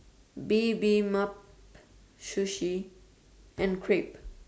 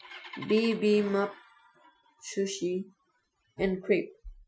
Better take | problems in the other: first | noise reduction (classical method Wiener filter)

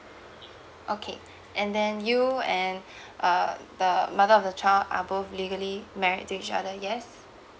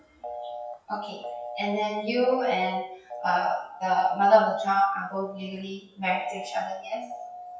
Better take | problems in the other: first | noise reduction (classical method WPE with log-MMSE)

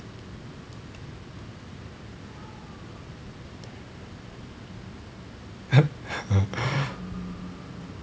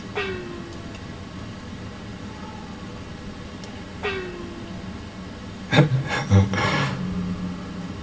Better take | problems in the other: first | background sound (Gong); 13 dB below the speech // room echo; dies away in 1.7 s

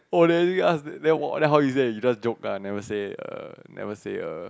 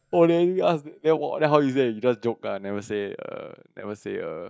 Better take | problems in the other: first | noise reduction (neural mask model DeepFilterNet 3)

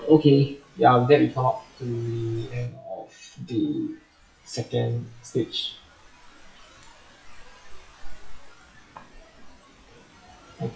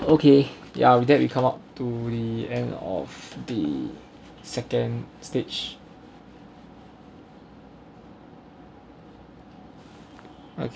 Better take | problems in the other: second | noise reduction (classical method WPE with log-MMSE)

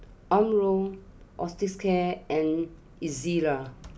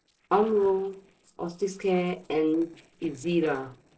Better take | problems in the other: first | noise reduction (neural separator model SepFormer DNS4)

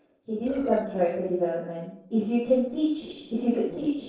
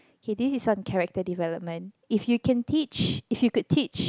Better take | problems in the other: second | noise reduction (neural separator model SepFormer DNS4)

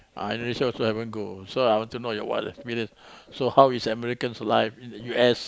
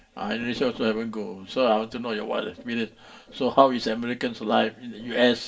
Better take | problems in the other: first | room echo; dies away in 0.2 s

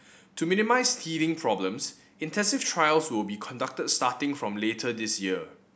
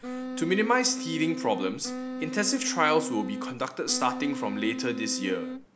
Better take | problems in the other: first | background sound (Wind instrument, woodwind instrument); 6 dB below the speech

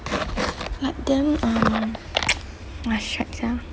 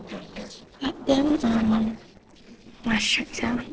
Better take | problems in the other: first | noise reduction (neural separator model SepFormer DNS4)

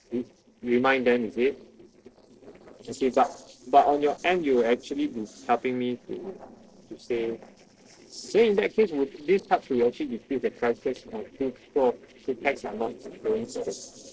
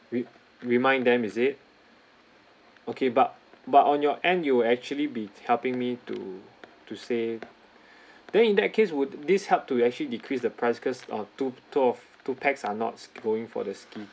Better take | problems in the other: second | noise reduction (neural separator model SepFormer DNS4)

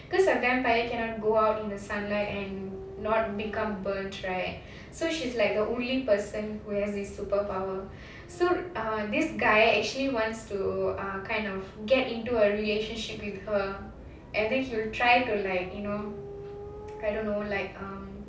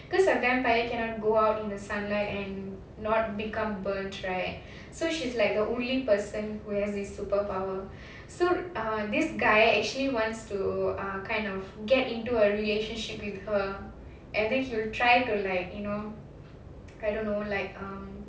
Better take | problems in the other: second | background sound (Dog); 20 dB below the speech

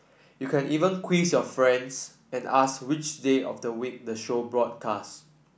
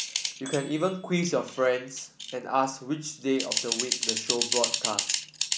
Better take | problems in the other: first | background sound (Typing); 2 dB below the speech

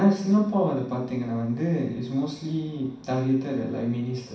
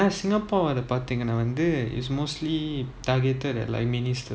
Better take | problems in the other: second | room echo; dies away in 0.6 s

